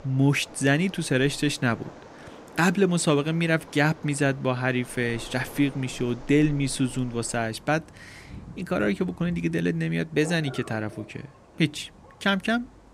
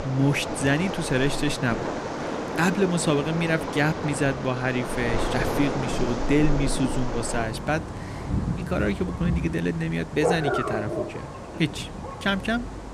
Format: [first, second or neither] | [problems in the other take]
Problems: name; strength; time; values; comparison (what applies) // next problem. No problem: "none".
first | rain or running water; loud; throughout; 4 dB below the speech; faint in the first